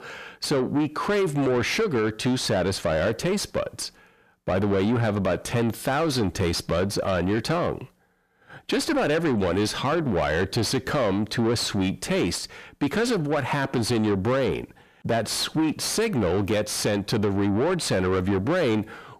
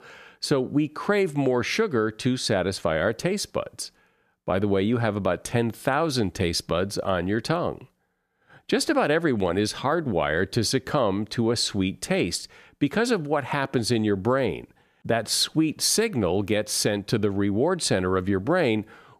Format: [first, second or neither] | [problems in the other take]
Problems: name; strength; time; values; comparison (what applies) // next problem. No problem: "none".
second | distortion; heavy; 8 dB below the speech